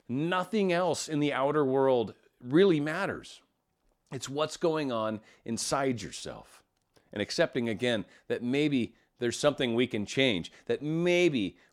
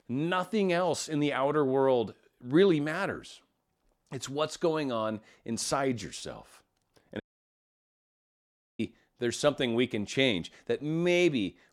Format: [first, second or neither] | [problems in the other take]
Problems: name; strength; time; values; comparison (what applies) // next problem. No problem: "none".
first | audio cutting out; at 7 s for 1.5 s